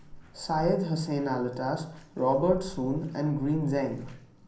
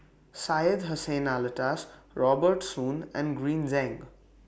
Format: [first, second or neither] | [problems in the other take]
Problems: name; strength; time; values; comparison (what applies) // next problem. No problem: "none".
second | background sound (Bathtub (filling or washing)); 17 dB below the speech // room echo; dies away in 0.6 s